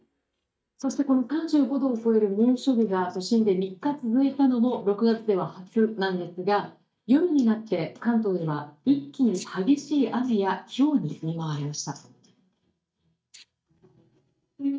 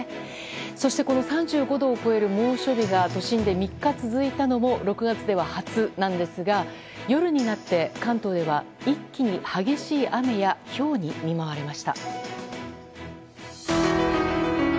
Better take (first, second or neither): second